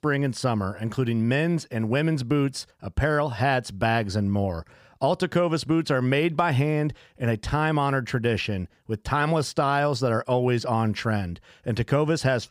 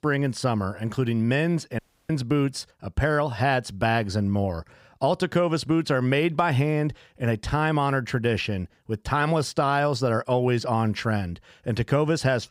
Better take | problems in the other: first | audio cutting out; at 2 s

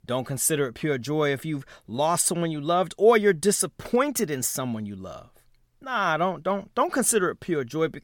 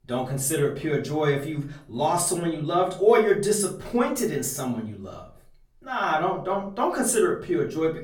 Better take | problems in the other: first | off-mic speech; far // room echo; slight; dies away in 0.4 s

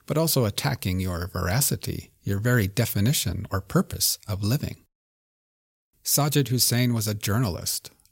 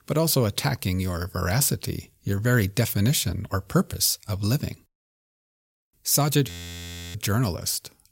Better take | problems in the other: first | audio freezing; at 6.5 s for 0.5 s

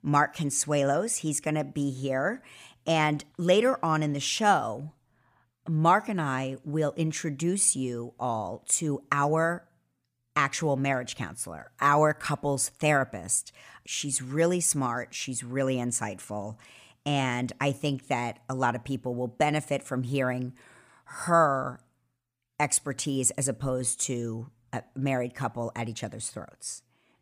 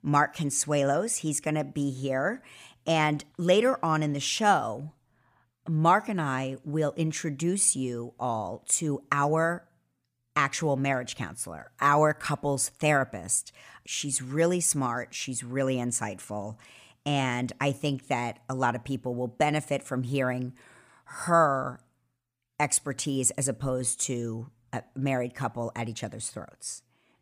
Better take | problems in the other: neither | none

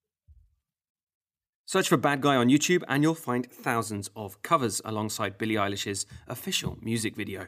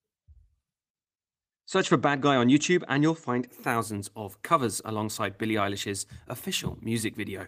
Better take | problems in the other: first | garbled, watery; slightly; nothing above 15 kHz

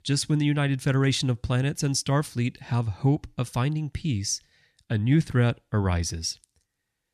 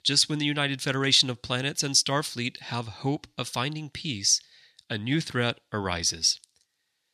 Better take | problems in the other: first | thin; somewhat; fading below 850 Hz

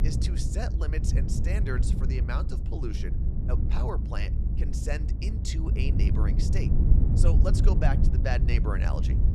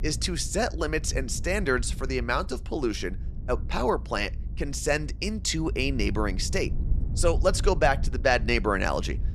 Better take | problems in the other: second | low rumble; loud; throughout; 4 dB below the speech; faint in the second

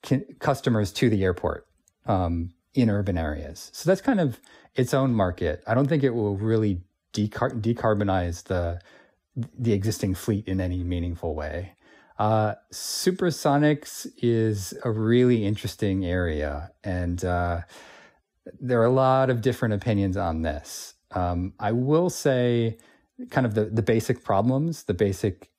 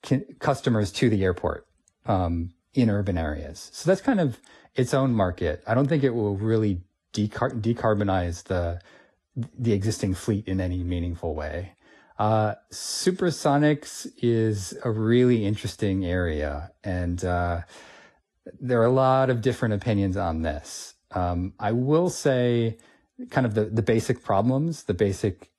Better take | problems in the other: first | garbled, watery; slightly; nothing above 11.5 kHz

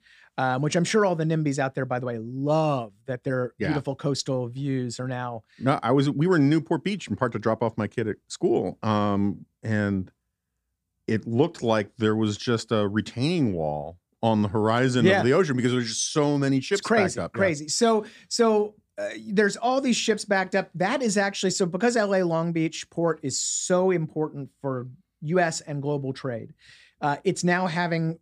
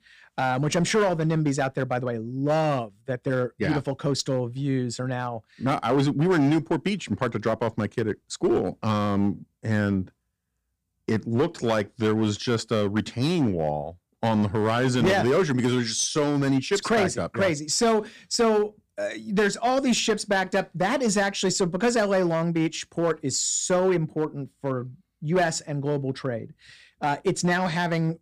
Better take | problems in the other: first | distortion; slight; 6% of the sound clipped

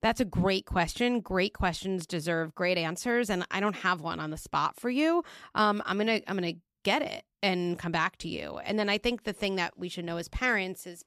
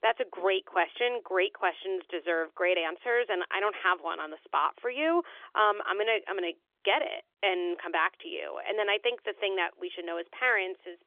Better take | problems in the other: first | phone-call audio; nothing above 3.5 kHz

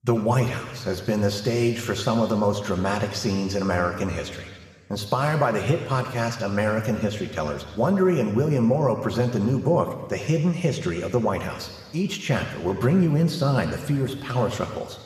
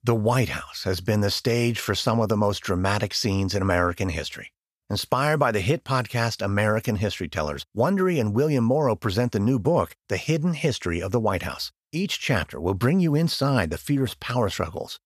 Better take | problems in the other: second | room echo; slight; dies away in 1.7 s

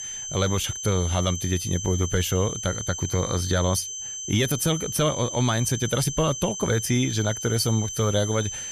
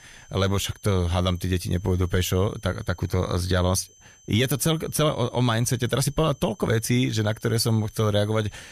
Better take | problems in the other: second | high-pitched whine; loud; throughout; 6 kHz, 6 dB below the speech; faint in the second

